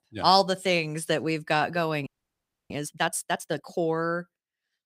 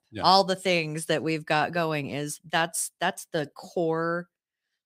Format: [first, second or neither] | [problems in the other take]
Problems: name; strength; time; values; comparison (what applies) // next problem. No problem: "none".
second | audio freezing; at 2 s for 0.5 s